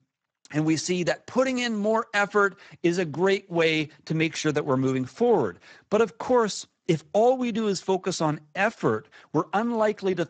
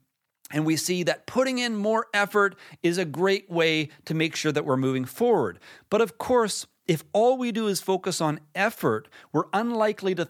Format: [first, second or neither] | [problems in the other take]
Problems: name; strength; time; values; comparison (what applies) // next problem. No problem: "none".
second | garbled, watery; badly; nothing above 7.5 kHz